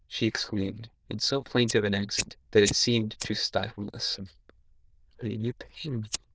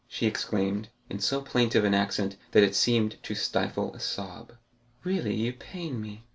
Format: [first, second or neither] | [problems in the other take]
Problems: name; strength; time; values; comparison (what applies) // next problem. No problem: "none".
second | noise reduction (neural diffusion model UNIVERSE++)